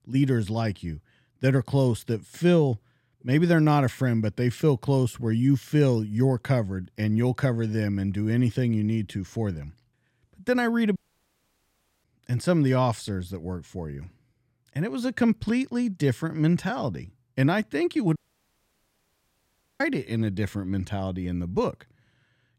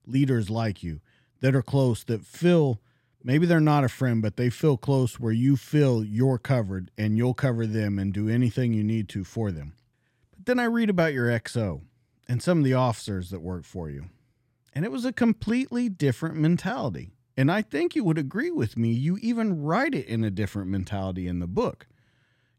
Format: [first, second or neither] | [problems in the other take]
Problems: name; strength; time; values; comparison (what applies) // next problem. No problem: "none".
second | audio cutting out; at 11 s for 1 s and at 18 s for 1.5 s